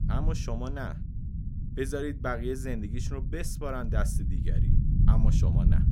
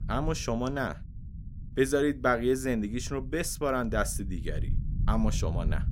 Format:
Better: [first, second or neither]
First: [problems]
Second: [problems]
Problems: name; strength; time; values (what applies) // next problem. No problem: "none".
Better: second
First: low rumble; loud; throughout; 6 dB below the speech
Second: low rumble; faint; throughout; 20 dB below the speech